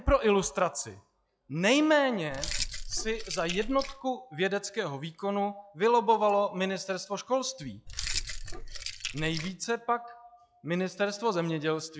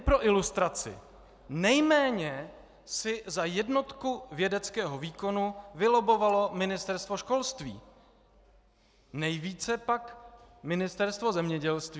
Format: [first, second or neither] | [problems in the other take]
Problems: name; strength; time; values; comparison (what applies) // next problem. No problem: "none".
second | noise reduction (classical method log-MMSE)